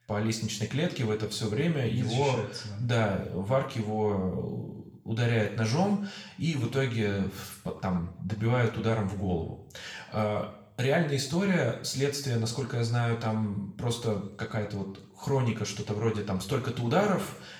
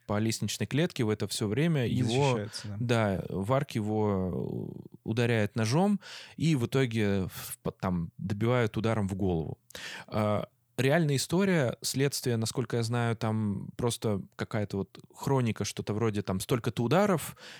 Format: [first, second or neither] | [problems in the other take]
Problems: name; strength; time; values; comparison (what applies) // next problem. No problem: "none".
second | room echo; slight; dies away in 0.6 s // off-mic speech; somewhat distant